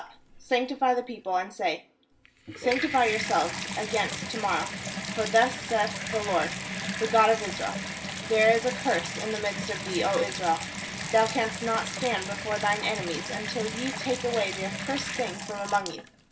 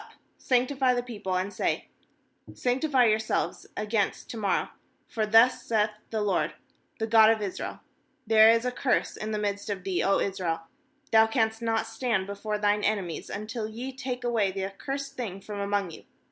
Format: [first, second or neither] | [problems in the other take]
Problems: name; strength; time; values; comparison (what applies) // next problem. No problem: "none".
second | background sound (Bathtub (filling or washing) / Water tap, faucet); 7 dB below the speech // room echo; dies away in 0.2 s